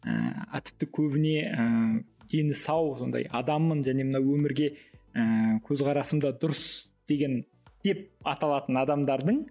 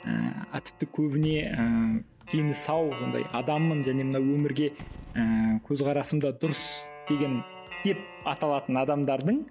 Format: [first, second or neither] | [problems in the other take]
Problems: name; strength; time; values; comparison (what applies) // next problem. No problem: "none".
first | background sound (Guitar + Gunshot, gunfire / Boom); 16 dB below the speech